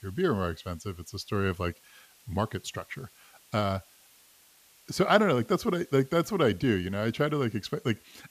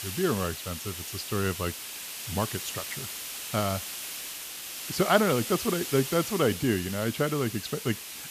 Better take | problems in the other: first | hiss; loud; throughout; 6 dB below the speech; faint in the first

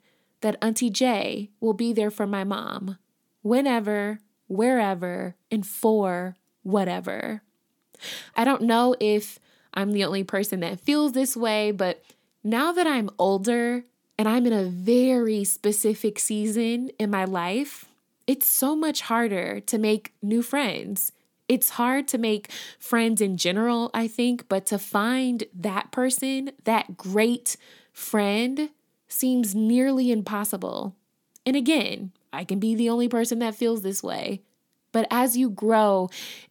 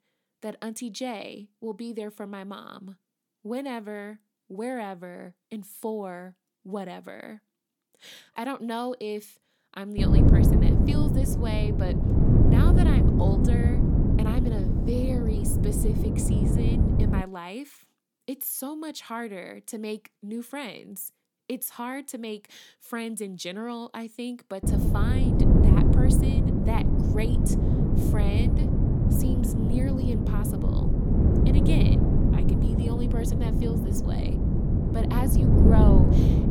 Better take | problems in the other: first | wind noise on the microphone; heavy; from 10 to 17 s and from 25 s on; 4 dB above the speech

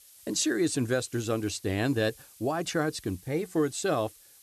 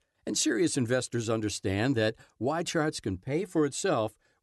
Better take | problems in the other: second | hiss; faint; throughout; 20 dB below the speech

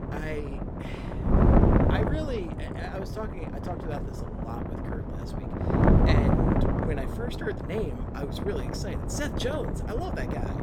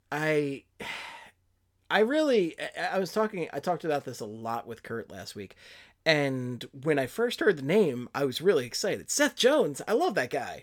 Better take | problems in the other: second | wind noise on the microphone; heavy; 3 dB above the speech

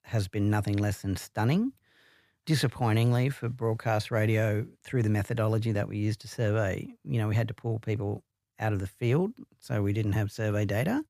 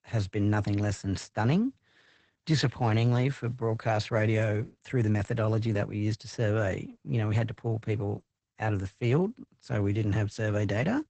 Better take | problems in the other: first | garbled, watery; badly; nothing above 8 kHz

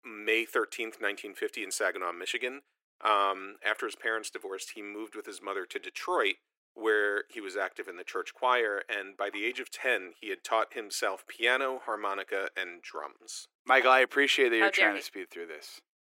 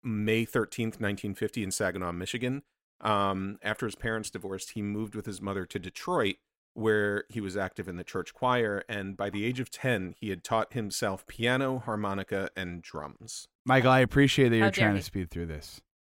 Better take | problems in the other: second | thin; very; fading below 350 Hz

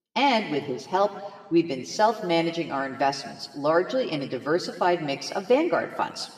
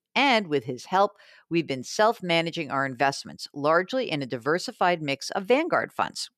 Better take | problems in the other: second | room echo; slight; dies away in 1.3 s // off-mic speech; somewhat distant

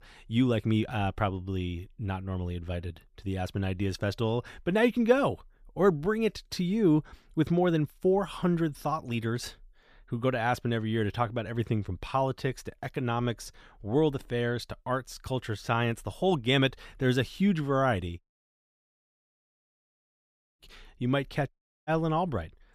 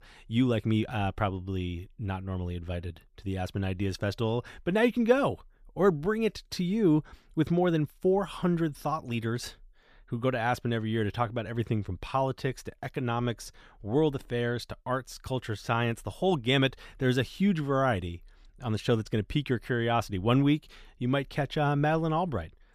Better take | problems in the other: second | audio cutting out; at 18 s for 2.5 s and at 22 s

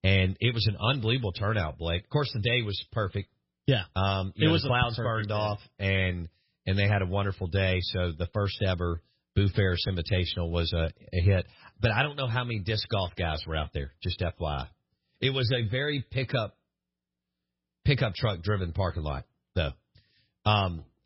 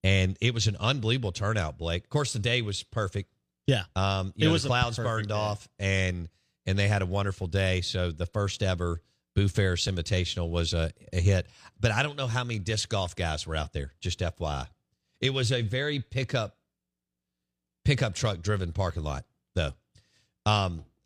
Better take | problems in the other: second | garbled, watery; badly; nothing above 5.5 kHz

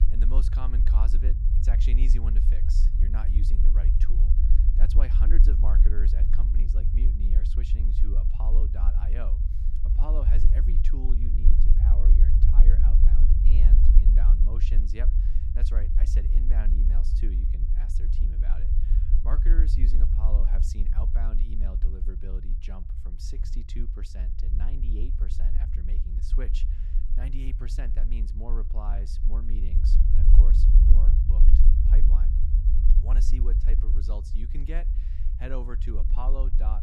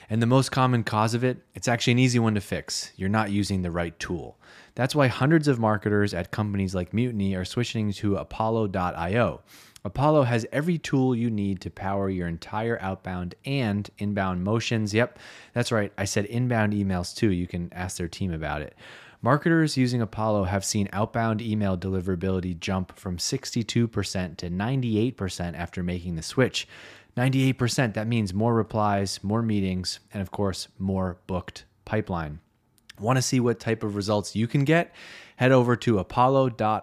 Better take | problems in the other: second | low rumble; loud; throughout; 1 dB below the speech

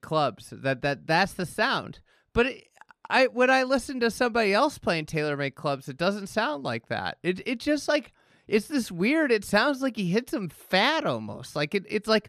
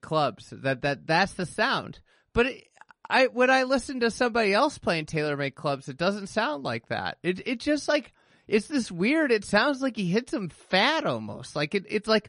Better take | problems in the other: first | garbled, watery; slightly; nothing above 10.5 kHz

